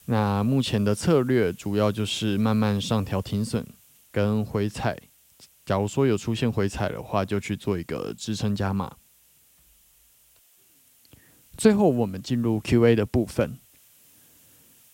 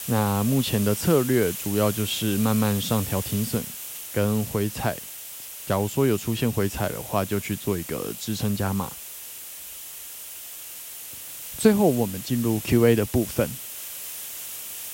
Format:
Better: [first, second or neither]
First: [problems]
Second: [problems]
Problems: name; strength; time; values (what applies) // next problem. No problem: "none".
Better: first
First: hiss; faint; throughout; 30 dB below the speech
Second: hiss; loud; throughout; 9 dB below the speech